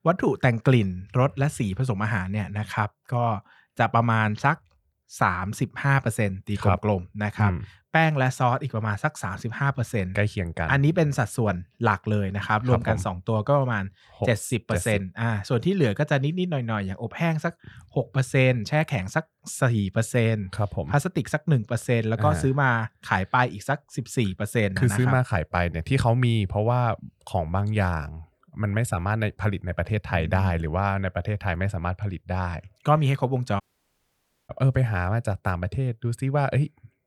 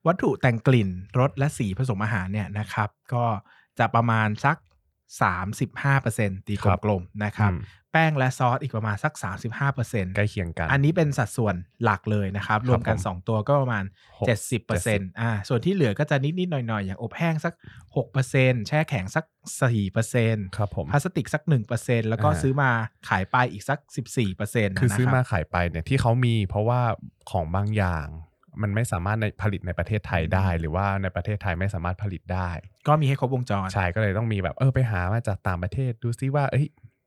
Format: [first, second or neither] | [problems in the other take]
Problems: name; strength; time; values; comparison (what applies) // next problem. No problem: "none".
second | audio cutting out; at 34 s for 1 s